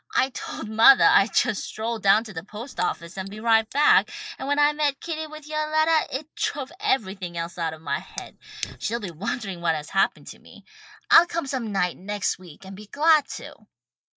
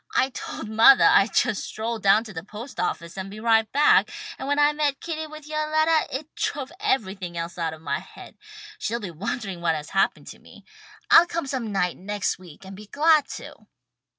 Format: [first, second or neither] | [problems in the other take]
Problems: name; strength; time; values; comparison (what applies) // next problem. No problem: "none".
second | noise reduction (neural mask model Resemble Enhance denoiser)